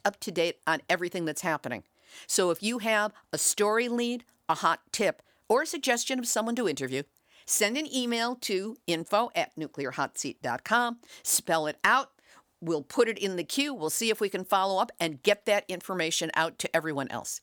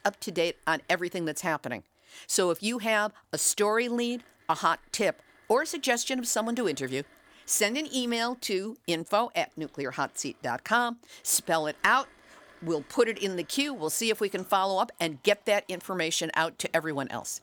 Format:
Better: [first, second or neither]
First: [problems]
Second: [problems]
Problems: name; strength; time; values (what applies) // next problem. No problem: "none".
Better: first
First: none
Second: machinery noise; faint; throughout; 30 dB below the speech